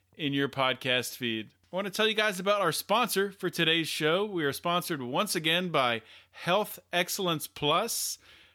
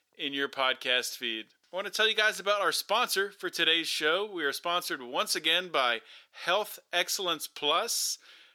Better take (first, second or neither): first